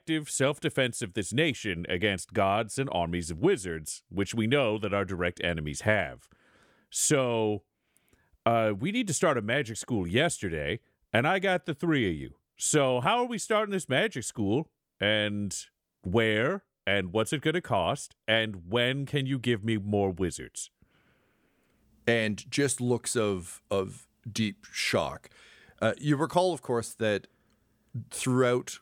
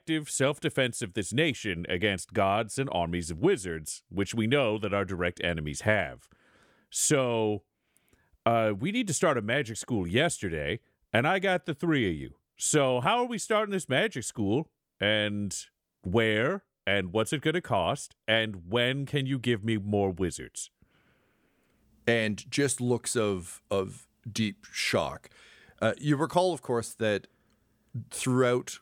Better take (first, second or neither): neither